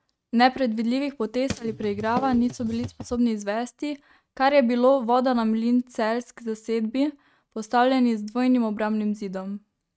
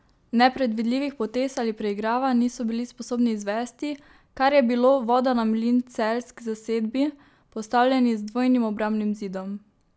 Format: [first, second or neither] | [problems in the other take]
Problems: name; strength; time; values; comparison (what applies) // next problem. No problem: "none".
second | noise reduction (neural mask model RNNoise)